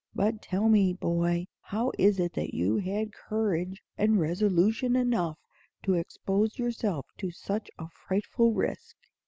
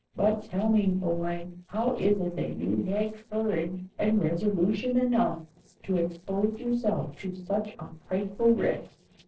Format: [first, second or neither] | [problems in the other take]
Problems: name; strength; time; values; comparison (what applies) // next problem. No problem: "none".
first | noise reduction (neural separator model SepFormer DNS4)